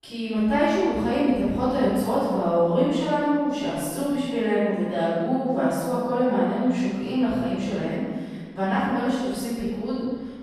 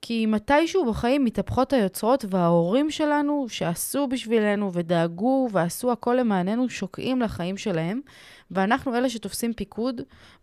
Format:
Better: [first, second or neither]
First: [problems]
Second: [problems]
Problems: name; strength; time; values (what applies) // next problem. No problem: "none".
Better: second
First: off-mic speech; far // room echo; strong; dies away in 1.6 s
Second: none